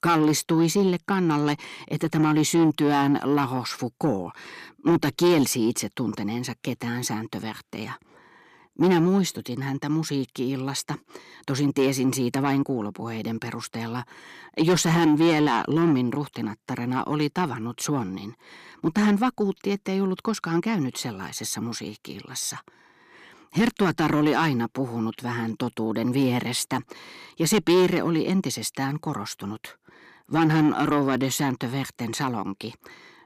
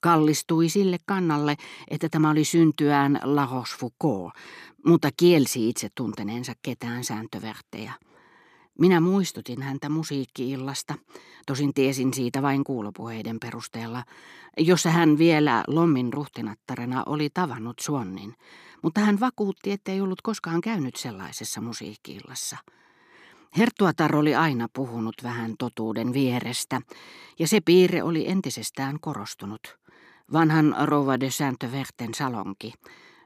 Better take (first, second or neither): second